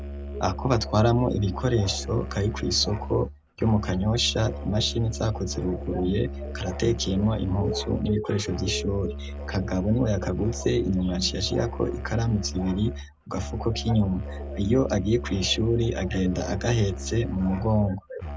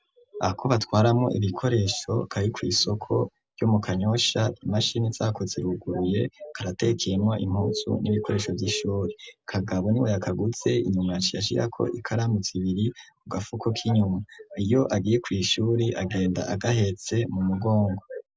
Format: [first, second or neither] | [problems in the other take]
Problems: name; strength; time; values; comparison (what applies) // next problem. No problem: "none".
second | background sound (Musical instrument); 9 dB below the speech